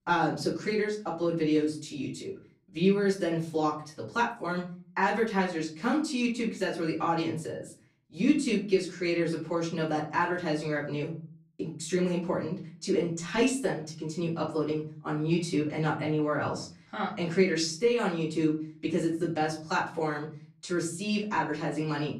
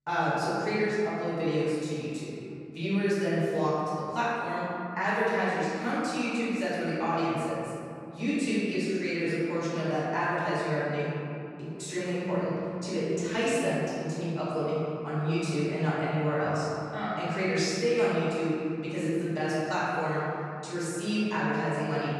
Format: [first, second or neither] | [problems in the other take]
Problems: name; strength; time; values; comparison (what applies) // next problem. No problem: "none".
first | room echo; strong; dies away in 2.5 s; slight in the first // off-mic speech; far; far in the first